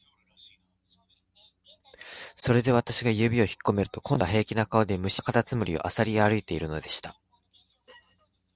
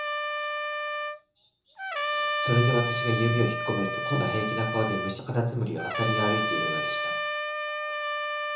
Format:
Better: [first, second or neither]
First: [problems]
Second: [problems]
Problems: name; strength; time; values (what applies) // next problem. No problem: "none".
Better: first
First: none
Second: background sound (Trumpet); as loud as the speech // room echo; dies away in 0.6 s